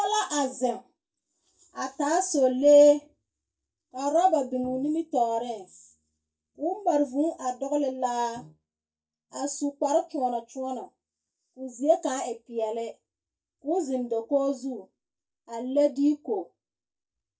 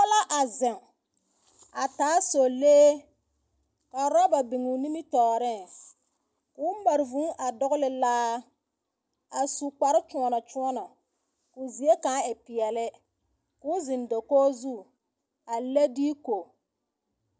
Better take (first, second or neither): second